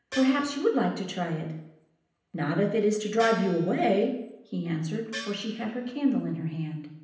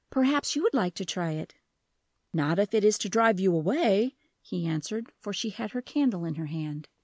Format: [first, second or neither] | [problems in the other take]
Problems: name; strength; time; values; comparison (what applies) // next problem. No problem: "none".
second | background sound (Gong); 13 dB below the speech // room echo; dies away in 0.8 s